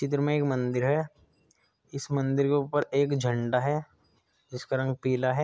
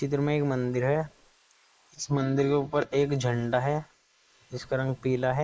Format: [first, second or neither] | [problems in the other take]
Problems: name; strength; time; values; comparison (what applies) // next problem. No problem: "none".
first | noise reduction (neural mask model Resemble Enhance denoiser)